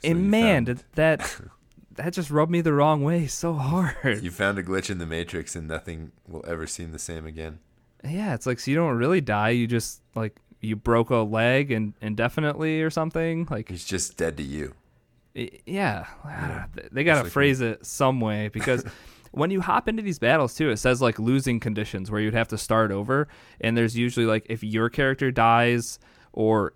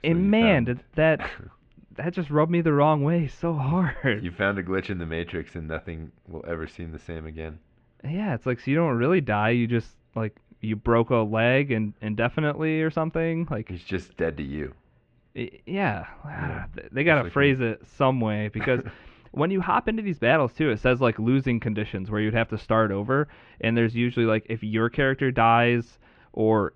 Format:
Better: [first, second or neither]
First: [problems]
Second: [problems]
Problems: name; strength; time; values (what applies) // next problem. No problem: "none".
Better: first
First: none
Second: muffled; very; fading above 3 kHz